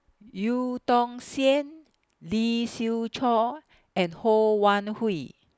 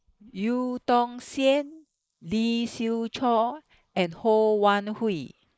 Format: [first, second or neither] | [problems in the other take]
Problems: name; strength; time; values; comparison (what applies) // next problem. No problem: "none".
first | noise reduction (neural mask model Resemble Enhance denoiser)